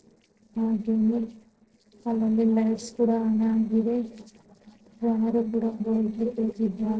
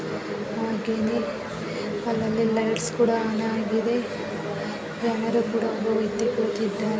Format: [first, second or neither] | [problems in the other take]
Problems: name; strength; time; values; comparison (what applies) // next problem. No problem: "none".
second | noise reduction (neural separator model SepFormer DNS4)